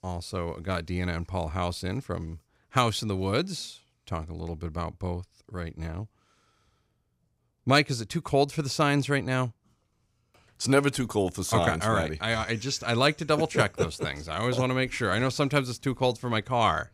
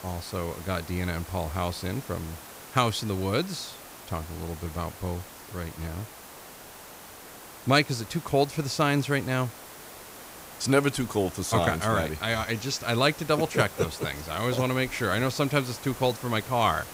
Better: first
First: none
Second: hiss; noticeable; throughout; 15 dB below the speech

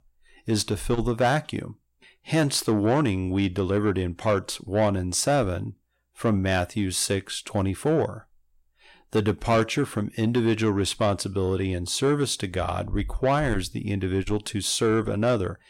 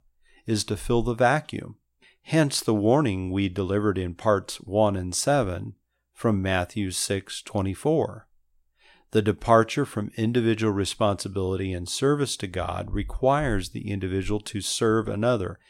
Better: second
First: distortion; slight; 10 dB below the speech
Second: none

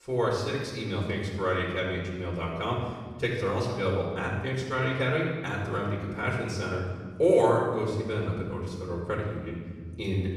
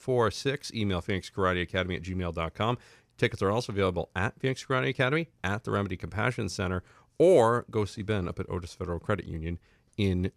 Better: second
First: off-mic speech; far // room echo; noticeable; dies away in 1.4 s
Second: none

